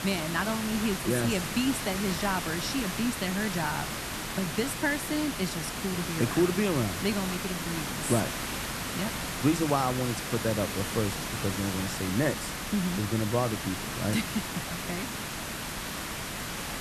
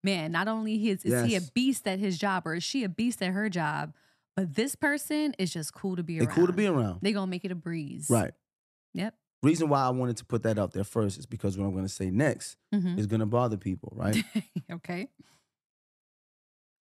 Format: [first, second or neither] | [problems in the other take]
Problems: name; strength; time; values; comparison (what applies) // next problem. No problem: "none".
second | hiss; loud; throughout; 3 dB below the speech